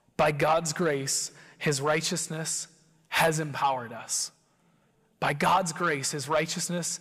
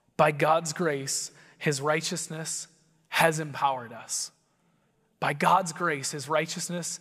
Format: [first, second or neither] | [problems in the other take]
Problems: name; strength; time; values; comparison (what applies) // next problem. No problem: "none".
second | distortion; slight; 10 dB below the speech